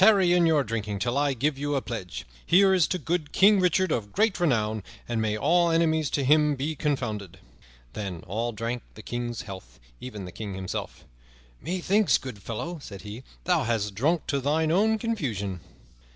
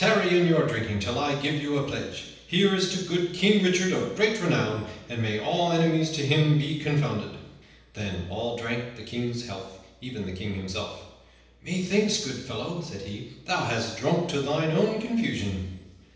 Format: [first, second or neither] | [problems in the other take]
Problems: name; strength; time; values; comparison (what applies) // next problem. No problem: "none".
first | room echo; dies away in 0.9 s